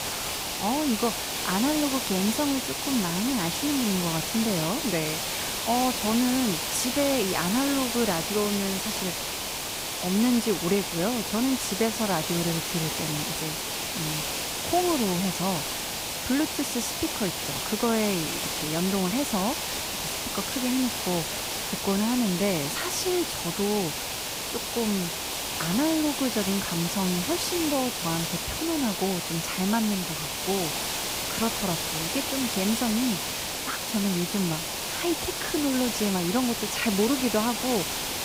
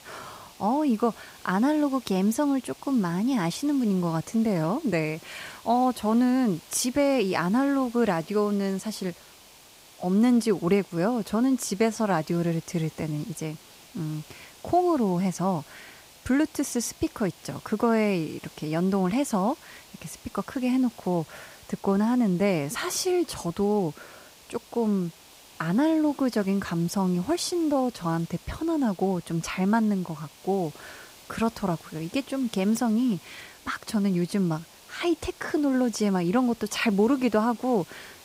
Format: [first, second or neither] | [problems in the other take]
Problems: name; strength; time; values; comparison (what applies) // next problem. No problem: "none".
second | hiss; loud; throughout; as loud as the speech; faint in the second